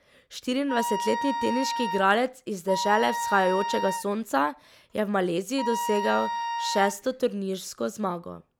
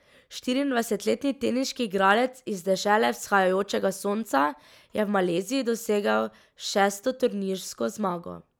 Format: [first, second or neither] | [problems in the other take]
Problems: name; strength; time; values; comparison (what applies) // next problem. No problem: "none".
second | background sound (Wind instrument, woodwind instrument); 4 dB below the speech